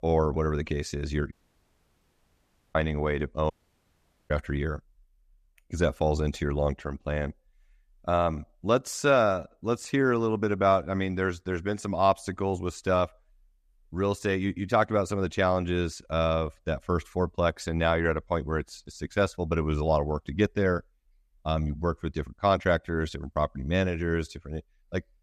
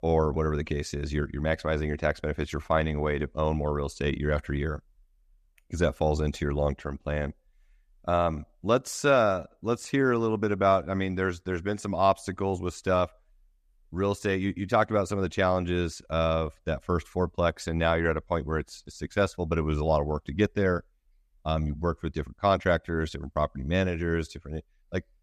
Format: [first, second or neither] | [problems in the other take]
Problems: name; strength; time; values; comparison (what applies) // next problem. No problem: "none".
second | audio cutting out; at 1.5 s for 1.5 s and at 3.5 s for 1 s